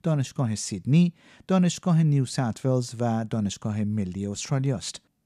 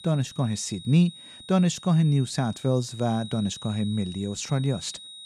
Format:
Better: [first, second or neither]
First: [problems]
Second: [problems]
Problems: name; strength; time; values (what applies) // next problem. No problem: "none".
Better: first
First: none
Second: high-pitched whine; noticeable; throughout; 4 kHz, 15 dB below the speech